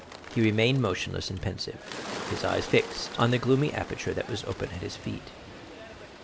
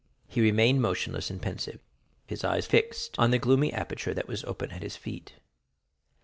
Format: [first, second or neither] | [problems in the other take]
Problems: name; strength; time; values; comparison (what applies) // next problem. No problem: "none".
second | background sound (Bird); 12 dB below the speech